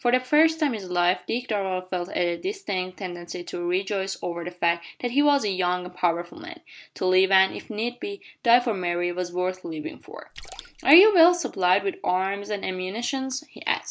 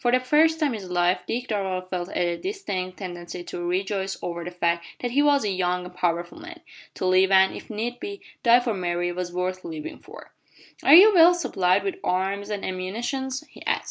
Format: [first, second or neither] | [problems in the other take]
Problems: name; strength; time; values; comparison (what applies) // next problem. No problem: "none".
second | background sound (Splash, splatter); 19 dB below the speech